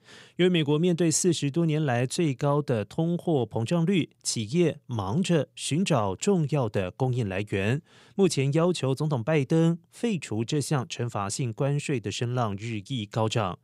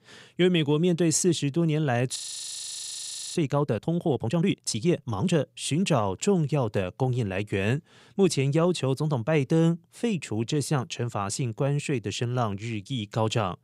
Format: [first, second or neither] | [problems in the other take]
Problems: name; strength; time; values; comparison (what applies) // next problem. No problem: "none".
first | audio freezing; at 2 s for 1 s